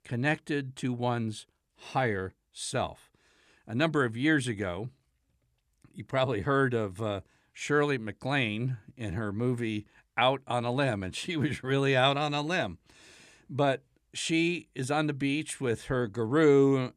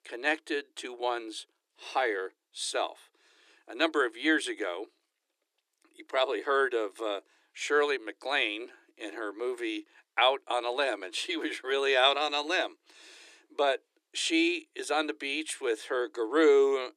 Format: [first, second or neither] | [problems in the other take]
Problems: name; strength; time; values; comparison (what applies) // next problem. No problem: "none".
first | thin; very; fading below 300 Hz